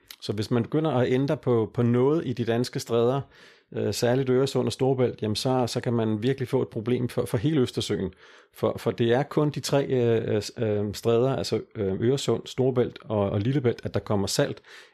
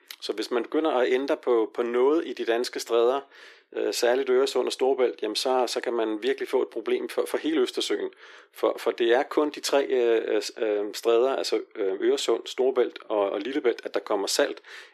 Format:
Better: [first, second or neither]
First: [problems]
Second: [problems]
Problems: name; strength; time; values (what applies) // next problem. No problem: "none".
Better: first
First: none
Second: thin; somewhat; fading below 300 Hz